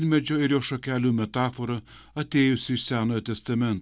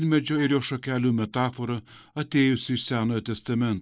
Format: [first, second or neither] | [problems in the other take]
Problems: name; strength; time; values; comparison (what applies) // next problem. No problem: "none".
first | noise reduction (neural mask model Resemble Enhance denoiser)